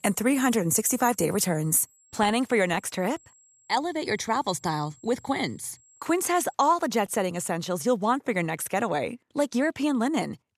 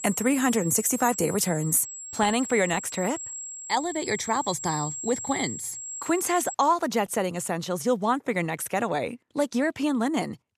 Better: first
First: high-pitched whine; faint; until 6.5 s; 7.5 kHz, 30 dB below the speech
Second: high-pitched whine; loud; until 6.5 s; 7.5 kHz, 9 dB below the speech

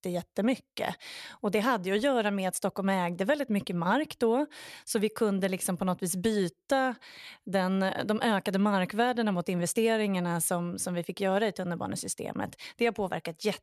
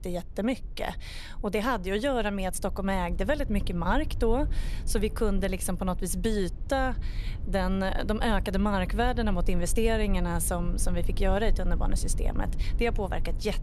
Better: first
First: none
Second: low rumble; faint; throughout; 20 dB below the speech

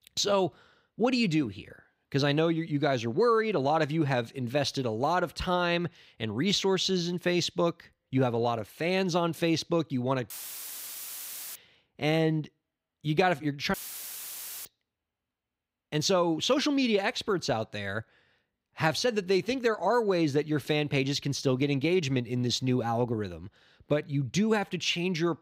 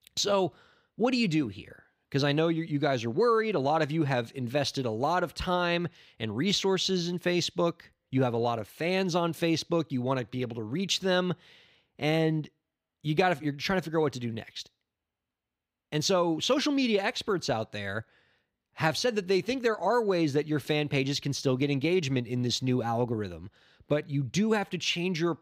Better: second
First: audio cutting out; filled with static; at 10 s for 1.5 s and at 14 s for 1 s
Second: none

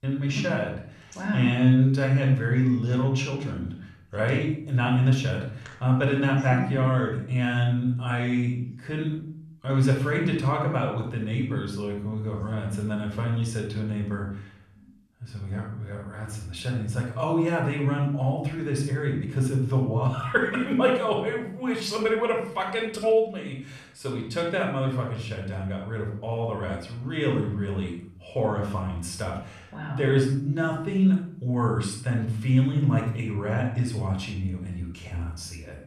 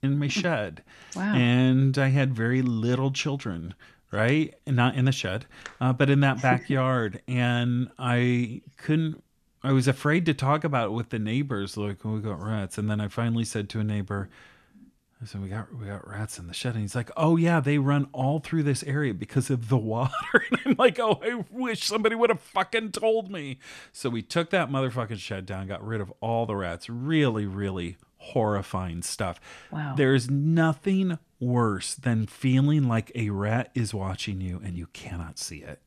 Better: second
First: off-mic speech; somewhat distant // room echo; noticeable; dies away in 0.5 s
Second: none

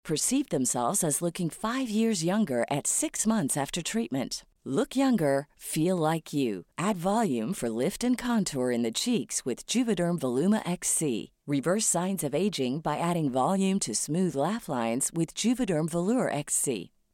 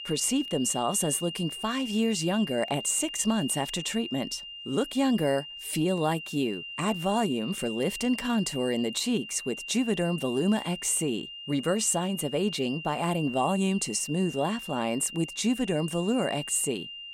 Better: first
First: none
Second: high-pitched whine; loud; throughout; 3 kHz, 9 dB below the speech

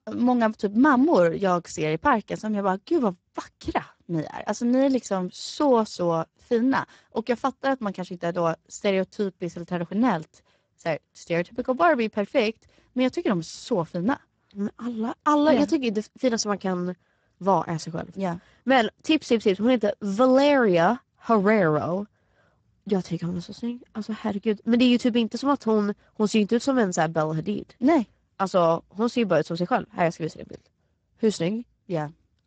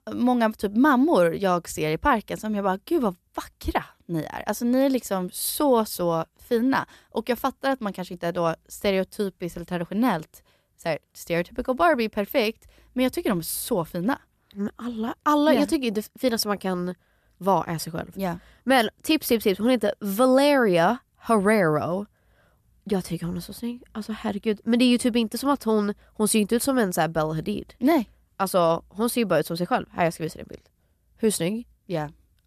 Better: second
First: garbled, watery; badly; nothing above 7.5 kHz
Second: none

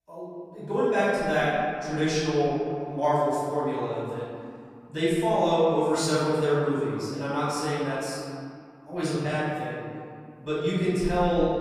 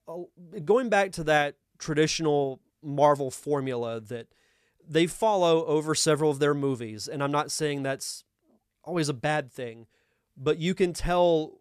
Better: second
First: off-mic speech; far // room echo; strong; dies away in 2.3 s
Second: none

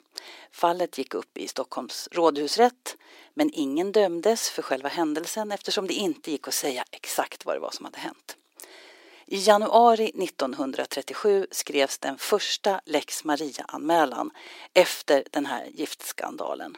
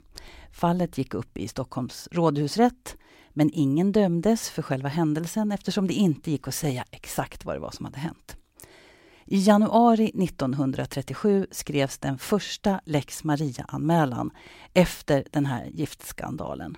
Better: second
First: thin; somewhat; fading below 350 Hz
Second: none

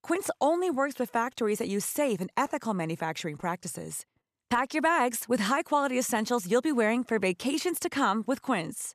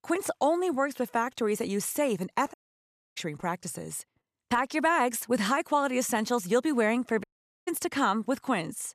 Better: first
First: none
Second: audio cutting out; at 2.5 s for 0.5 s and at 7 s

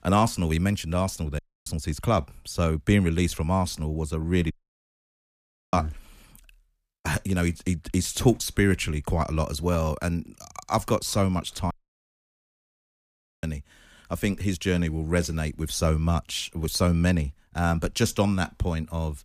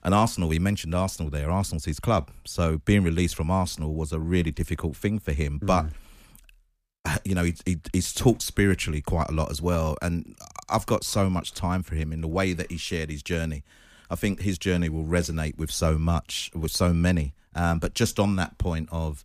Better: second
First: audio cutting out; at 1.5 s, at 4.5 s for 1 s and at 12 s for 1.5 s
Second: none

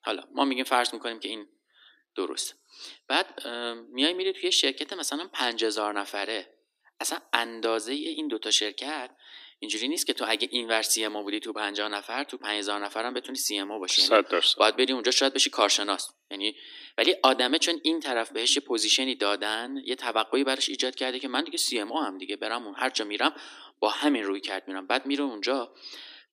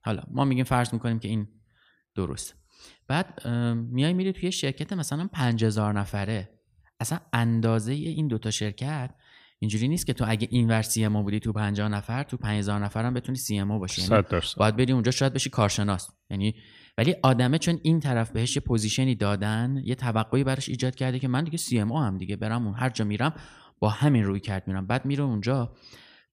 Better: second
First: thin; somewhat; fading below 300 Hz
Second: none

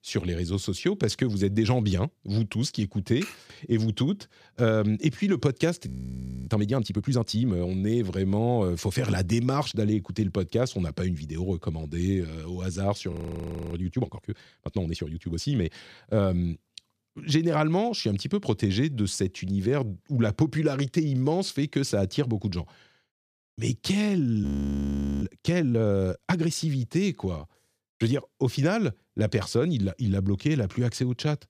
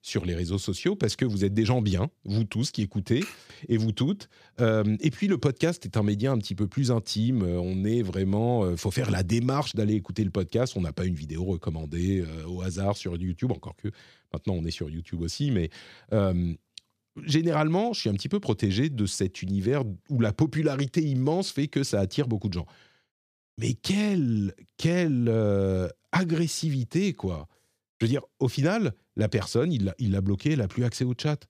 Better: second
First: audio freezing; at 6 s for 0.5 s, at 13 s for 0.5 s and at 24 s for 1 s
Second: none

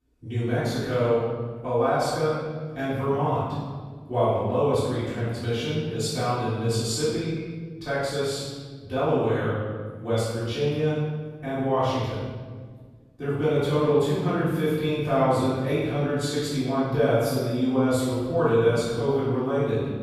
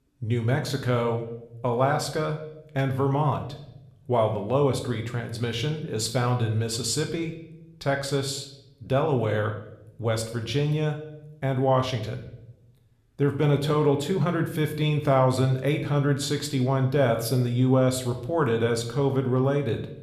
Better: second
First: room echo; strong; dies away in 1.5 s // off-mic speech; far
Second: room echo; slight; dies away in 0.6 s

